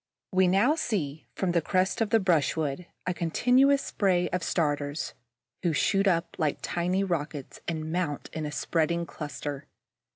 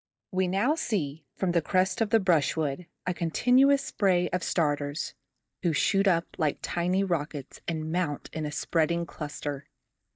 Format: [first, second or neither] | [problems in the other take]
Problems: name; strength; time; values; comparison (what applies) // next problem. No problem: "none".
first | noise reduction (neural mask model DeepFilterNet 3)